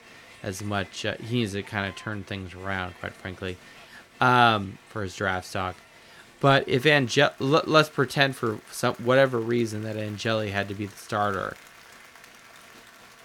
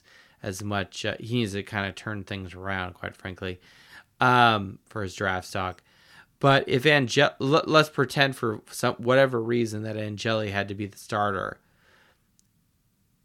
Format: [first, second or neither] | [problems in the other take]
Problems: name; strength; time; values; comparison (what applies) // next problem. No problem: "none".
second | crowd noise; faint; throughout; 25 dB below the speech